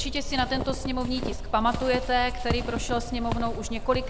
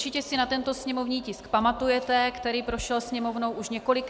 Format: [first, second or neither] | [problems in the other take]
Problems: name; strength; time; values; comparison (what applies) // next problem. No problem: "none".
second | background sound (Squeak / Walk, footsteps + Thunderstorm); 3 dB below the speech